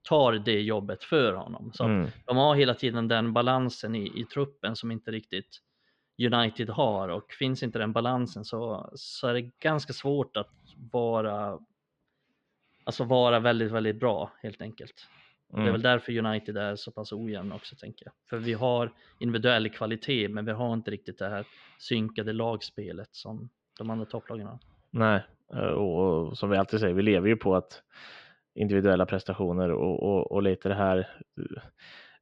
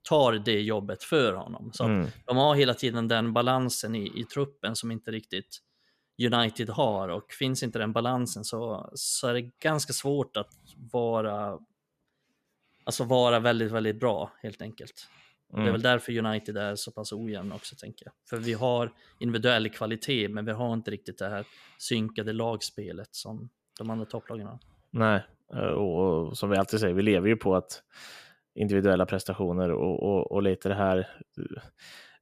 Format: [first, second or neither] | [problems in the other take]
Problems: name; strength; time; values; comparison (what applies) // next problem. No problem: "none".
second | muffled; very slightly; fading above 4 kHz